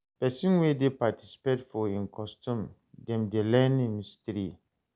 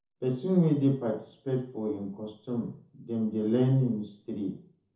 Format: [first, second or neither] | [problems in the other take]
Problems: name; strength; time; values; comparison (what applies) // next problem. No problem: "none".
first | room echo; dies away in 0.6 s